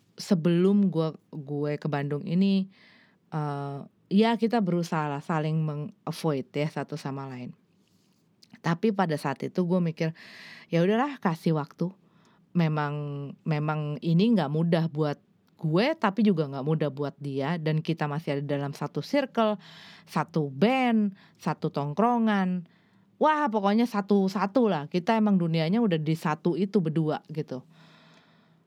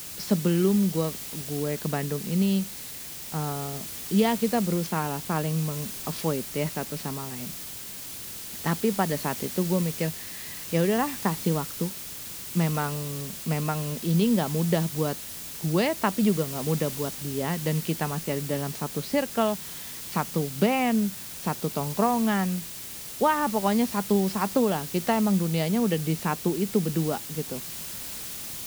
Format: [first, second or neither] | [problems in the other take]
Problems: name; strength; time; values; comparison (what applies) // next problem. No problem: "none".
first | hiss; loud; throughout; 7 dB below the speech